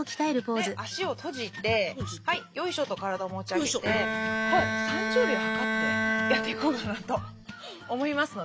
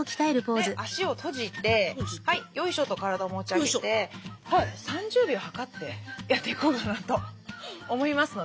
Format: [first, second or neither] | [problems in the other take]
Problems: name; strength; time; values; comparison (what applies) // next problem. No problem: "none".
second | background sound (Bowed string instrument); 1 dB above the speech